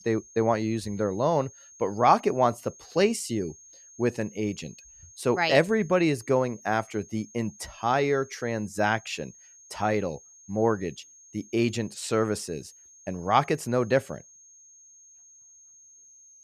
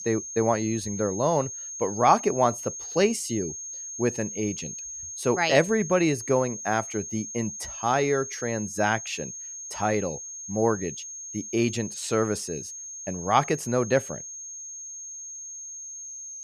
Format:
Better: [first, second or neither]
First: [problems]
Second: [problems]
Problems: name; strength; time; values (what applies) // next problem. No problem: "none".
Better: first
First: high-pitched whine; faint; throughout; 6.5 kHz, 25 dB below the speech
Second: high-pitched whine; loud; throughout; 6.5 kHz, 9 dB below the speech